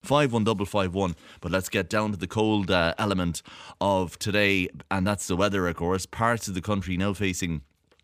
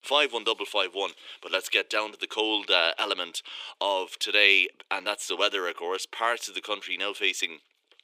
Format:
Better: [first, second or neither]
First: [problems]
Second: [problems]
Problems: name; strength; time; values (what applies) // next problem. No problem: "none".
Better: first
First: none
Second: thin; very; fading below 350 Hz